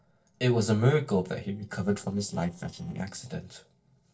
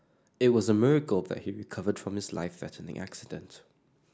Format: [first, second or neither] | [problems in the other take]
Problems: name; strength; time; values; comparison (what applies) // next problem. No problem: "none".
second | noise reduction (neural separator model SepFormer DNS4)